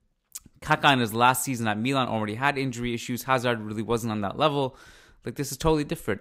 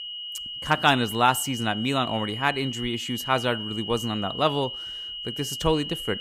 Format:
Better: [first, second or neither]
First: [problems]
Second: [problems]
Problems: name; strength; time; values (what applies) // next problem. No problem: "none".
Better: first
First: none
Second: high-pitched whine; loud; throughout; 3 kHz, 7 dB below the speech